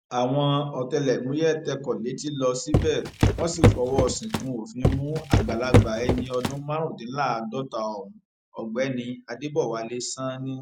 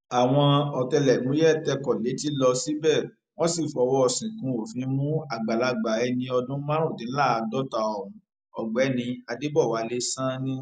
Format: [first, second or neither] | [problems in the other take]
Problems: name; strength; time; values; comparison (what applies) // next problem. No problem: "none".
second | background sound (Walk, footsteps); 4 dB above the speech